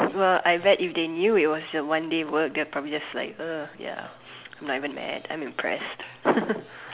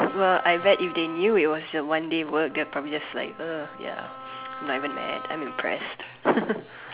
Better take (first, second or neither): first